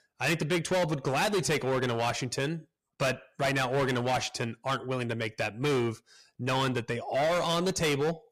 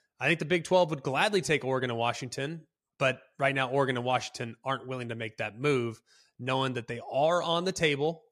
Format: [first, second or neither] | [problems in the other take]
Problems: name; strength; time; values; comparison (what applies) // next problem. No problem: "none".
second | distortion; heavy; 16% of the sound clipped